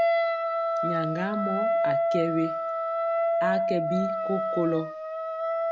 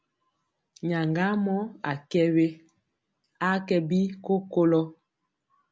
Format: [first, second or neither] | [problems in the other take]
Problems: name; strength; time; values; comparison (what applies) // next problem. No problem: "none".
second | background sound (Wind instrument, woodwind instrument); 5 dB above the speech